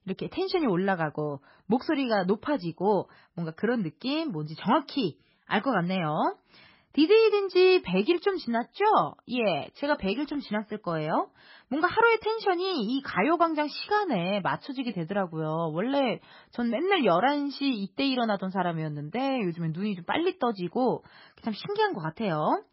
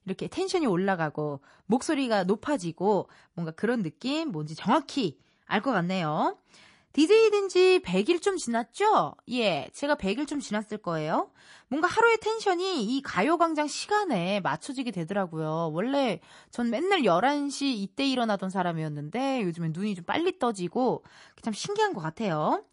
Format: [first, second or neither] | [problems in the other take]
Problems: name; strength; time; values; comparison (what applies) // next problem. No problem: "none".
second | garbled, watery; badly; nothing above 5.5 kHz; slightly in the second